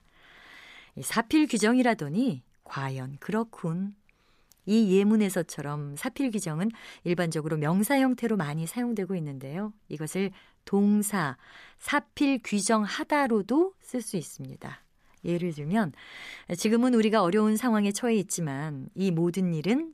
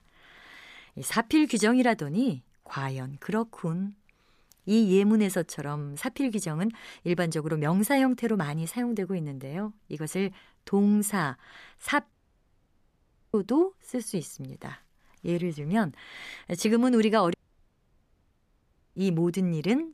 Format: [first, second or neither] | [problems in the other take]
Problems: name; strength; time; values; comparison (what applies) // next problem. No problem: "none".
first | audio cutting out; at 12 s for 1 s and at 17 s for 1.5 s